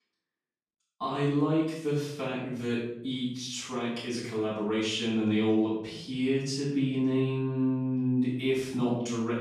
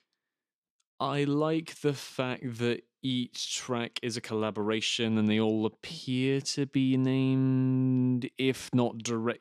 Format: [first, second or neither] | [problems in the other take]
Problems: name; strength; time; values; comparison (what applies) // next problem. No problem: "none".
second | room echo; noticeable; dies away in 0.7 s // off-mic speech; far